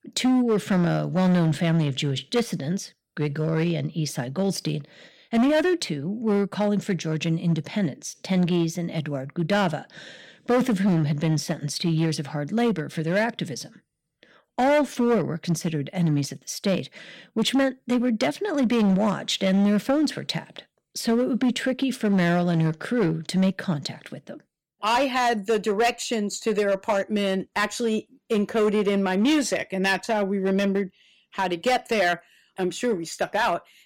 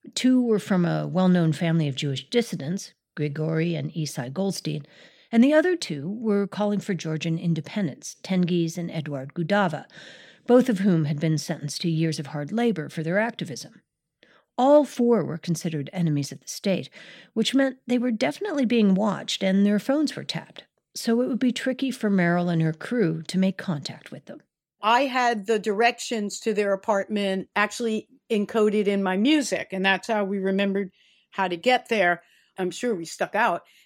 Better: second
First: distortion; slight; 8% of the sound clipped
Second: none

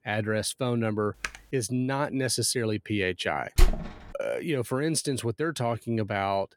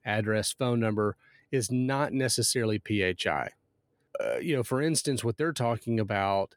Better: second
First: keyboard typing; noticeable; at 1 s; peak 9 dB below the speech // door banging; loud; at 3.5 s; peak 1 dB above the speech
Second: none

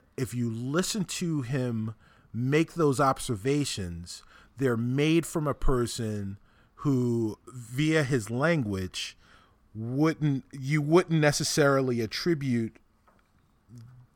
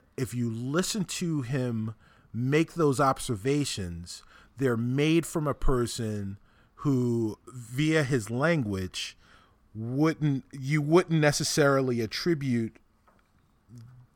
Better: neither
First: none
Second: none

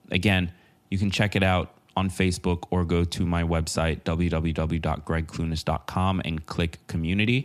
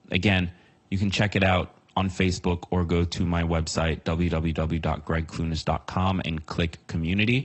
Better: first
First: none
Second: garbled, watery; slightly; nothing above 8 kHz

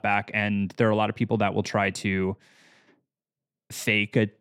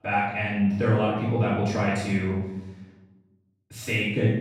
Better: first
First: none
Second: off-mic speech; far // room echo; strong; dies away in 0.9 s

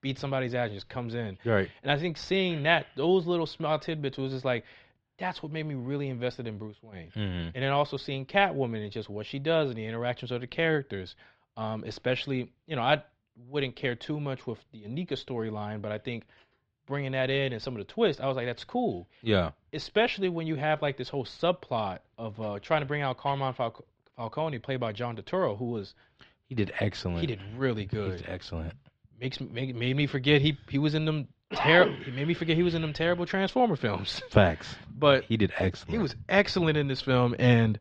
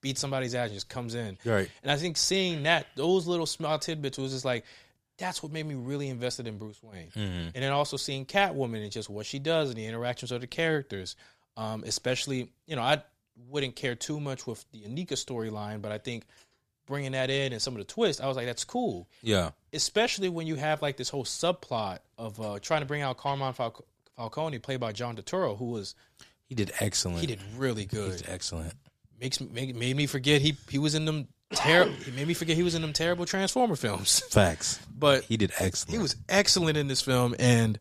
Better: second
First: muffled; slightly; fading above 3.5 kHz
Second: none

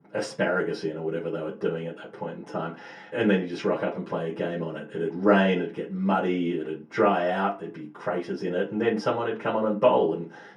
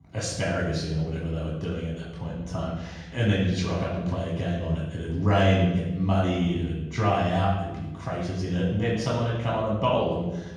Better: first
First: room echo; slight; dies away in 0.3 s // off-mic speech; far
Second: room echo; strong; dies away in 1.3 s // off-mic speech; far

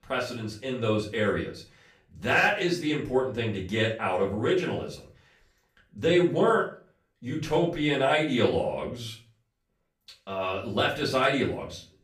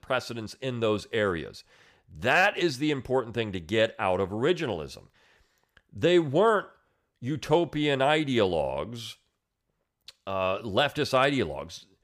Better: second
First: room echo; slight; dies away in 0.3 s // off-mic speech; far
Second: none

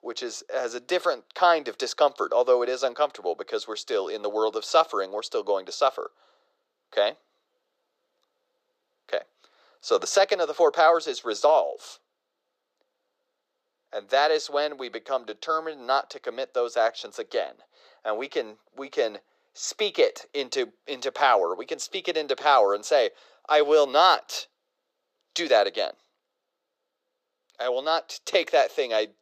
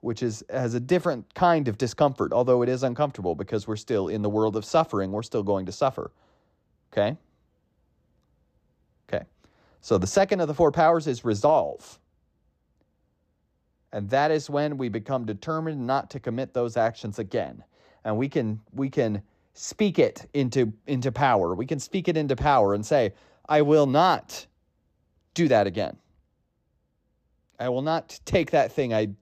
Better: second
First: thin; very; fading below 450 Hz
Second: none

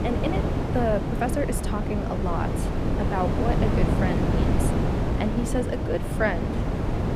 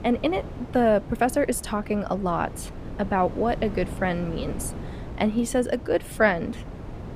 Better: second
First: wind noise on the microphone; heavy; 1 dB below the speech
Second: wind noise on the microphone; occasional gusts; 15 dB below the speech

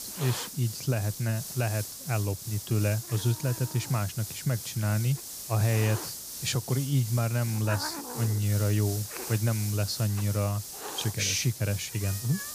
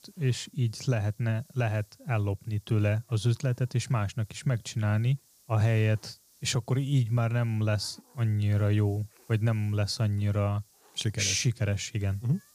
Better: second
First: hiss; loud; throughout; 7 dB below the speech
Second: hiss; faint; throughout; 30 dB below the speech

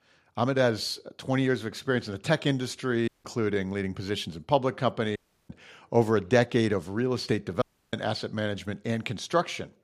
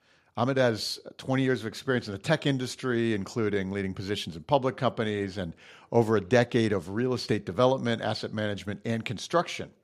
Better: second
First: audio cutting out; at 3 s, at 5 s and at 7.5 s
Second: none

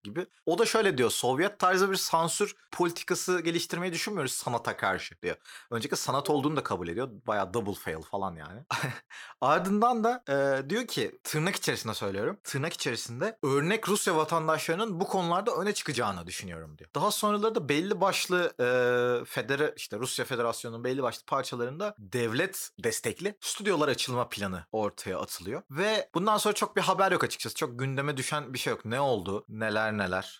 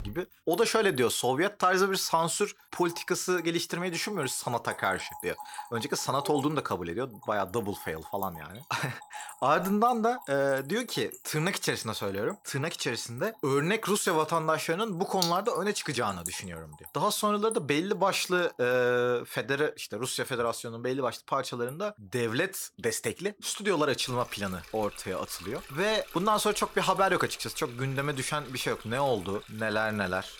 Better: first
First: none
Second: rain or running water; noticeable; throughout; 15 dB below the speech

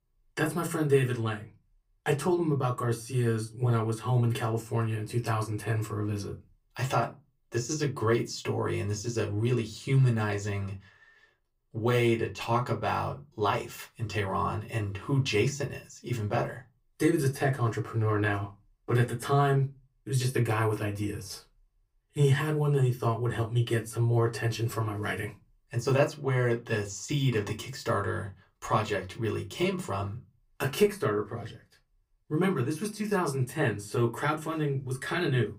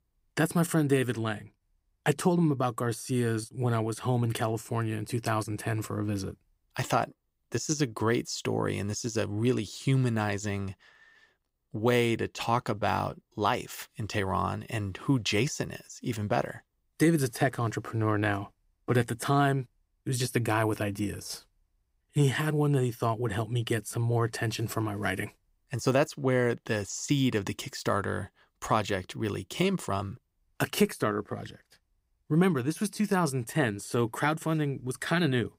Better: second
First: off-mic speech; somewhat distant // room echo; very slight; dies away in 0.2 s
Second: none

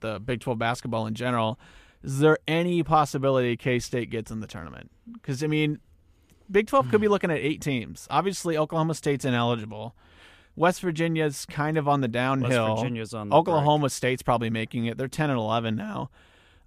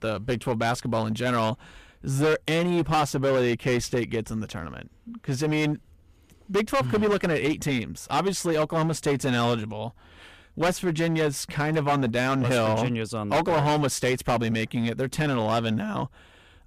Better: first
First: none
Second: distortion; heavy; 11% of the sound clipped

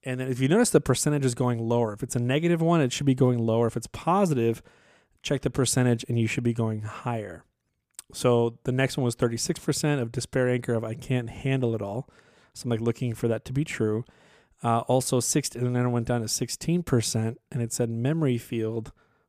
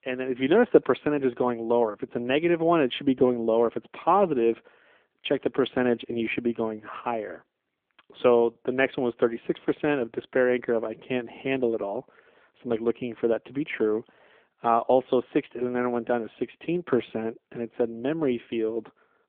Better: first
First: none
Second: phone-call audio; nothing above 3.5 kHz

